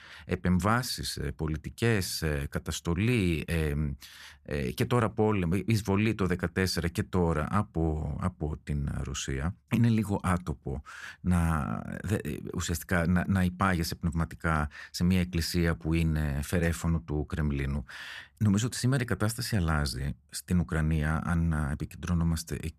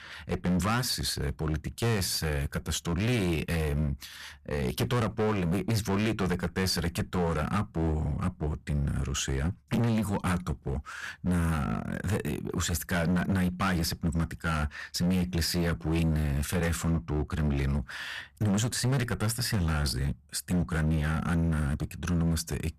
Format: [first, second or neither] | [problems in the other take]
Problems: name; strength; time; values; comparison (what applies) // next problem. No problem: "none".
first | distortion; heavy; 17% of the sound clipped